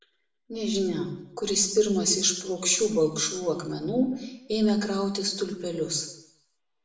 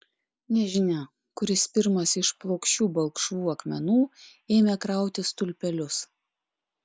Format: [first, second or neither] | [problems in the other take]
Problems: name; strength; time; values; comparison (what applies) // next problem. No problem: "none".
second | room echo; dies away in 0.7 s